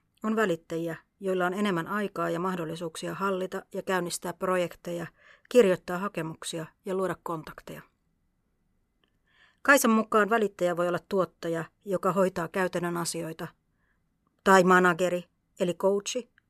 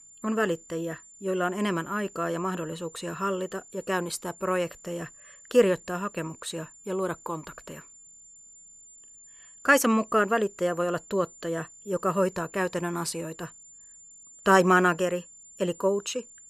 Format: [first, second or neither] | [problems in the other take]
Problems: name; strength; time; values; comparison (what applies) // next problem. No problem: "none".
first | high-pitched whine; faint; throughout; 7 kHz, 20 dB below the speech